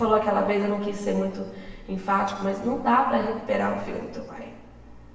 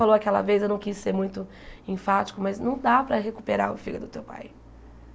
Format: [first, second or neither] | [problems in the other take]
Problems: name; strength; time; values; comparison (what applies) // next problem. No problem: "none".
second | room echo; dies away in 1 s